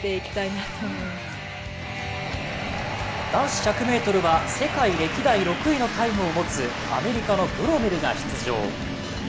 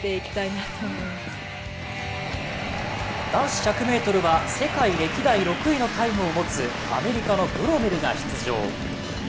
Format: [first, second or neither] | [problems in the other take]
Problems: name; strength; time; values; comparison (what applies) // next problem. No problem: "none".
first | background sound (Typing); 19 dB below the speech